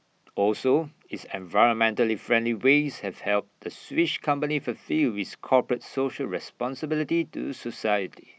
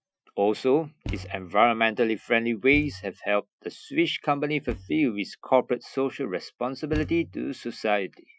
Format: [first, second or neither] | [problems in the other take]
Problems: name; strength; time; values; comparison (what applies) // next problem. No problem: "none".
first | noise reduction (classical method Wiener filter)